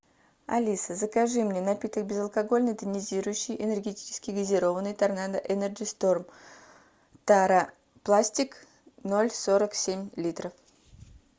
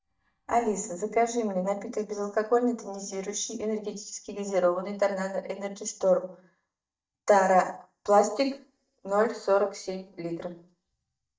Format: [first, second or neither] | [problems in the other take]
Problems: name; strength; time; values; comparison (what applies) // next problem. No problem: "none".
first | noise reduction (neural mask model DeepFilterNet 3)